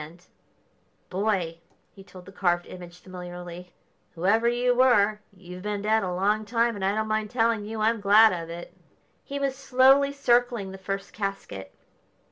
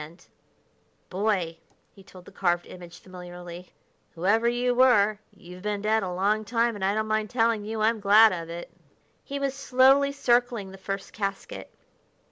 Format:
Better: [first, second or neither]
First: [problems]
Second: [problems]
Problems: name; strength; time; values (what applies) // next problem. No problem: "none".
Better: second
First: room echo; dies away in 0.2 s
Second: none